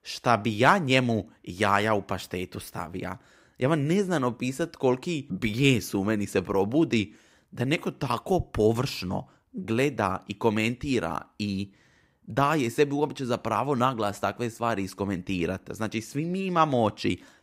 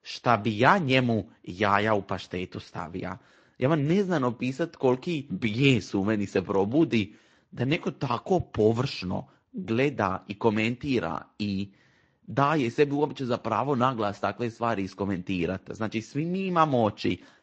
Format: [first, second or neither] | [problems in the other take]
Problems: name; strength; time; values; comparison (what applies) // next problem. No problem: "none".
first | garbled, watery; slightly; nothing above 7.5 kHz